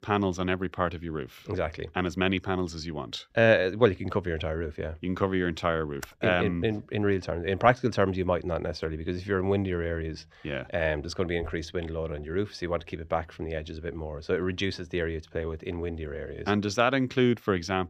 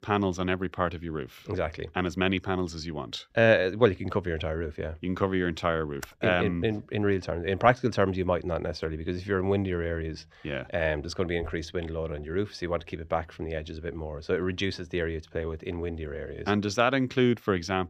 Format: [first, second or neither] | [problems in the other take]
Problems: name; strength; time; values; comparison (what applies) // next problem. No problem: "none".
neither | keyboard typing; very faint; at 6 s; peak 15 dB below the speech; the same in both